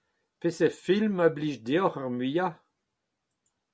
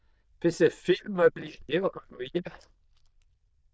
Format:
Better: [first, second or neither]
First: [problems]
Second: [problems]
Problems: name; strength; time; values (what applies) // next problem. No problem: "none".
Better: first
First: none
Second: noise reduction (neural diffusion model UNIVERSE++)